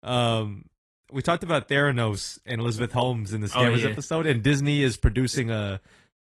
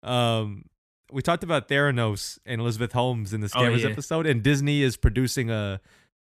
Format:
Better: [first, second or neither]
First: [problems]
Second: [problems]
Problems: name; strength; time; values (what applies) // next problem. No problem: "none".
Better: second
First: garbled, watery; slightly; nothing above 11 kHz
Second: none